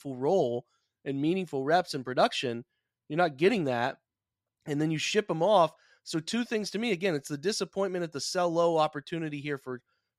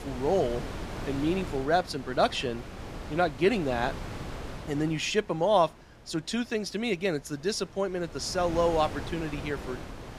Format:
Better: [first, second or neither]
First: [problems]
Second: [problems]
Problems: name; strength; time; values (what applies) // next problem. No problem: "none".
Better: first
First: none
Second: wind noise on the microphone; occasional gusts; 15 dB below the speech